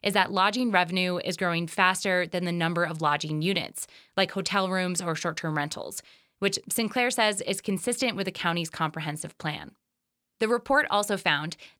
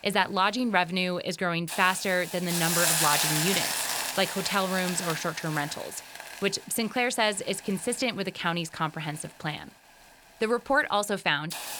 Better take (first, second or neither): first